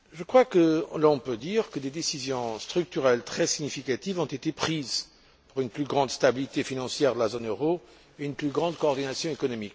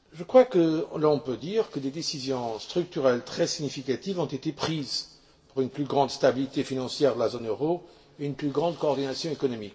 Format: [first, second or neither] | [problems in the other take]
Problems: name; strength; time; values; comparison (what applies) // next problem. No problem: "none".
first | room echo; dies away in 0.7 s